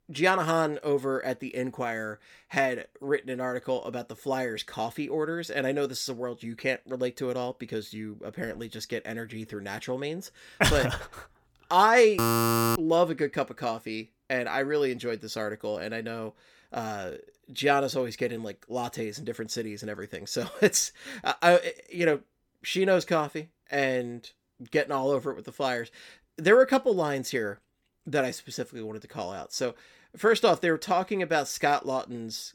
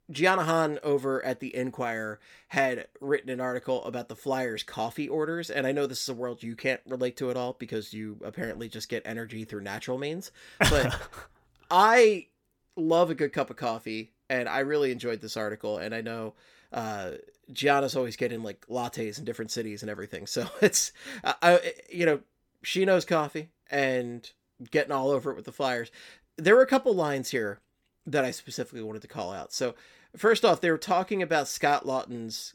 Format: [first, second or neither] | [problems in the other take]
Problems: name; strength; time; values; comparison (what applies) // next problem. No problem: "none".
second | alarm; loud; at 12 s; peak 4 dB above the speech